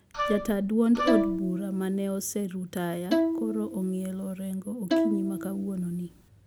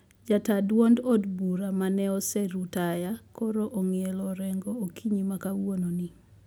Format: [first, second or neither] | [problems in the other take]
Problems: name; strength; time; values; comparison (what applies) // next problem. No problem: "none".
second | background sound (Bowed string instrument + Wind instrument, woodwind instrument); 1 dB below the speech